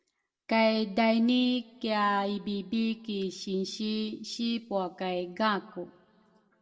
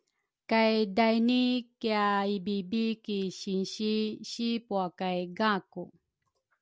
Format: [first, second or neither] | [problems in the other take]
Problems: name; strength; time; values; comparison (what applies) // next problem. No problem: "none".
second | room echo; dies away in 1.2 s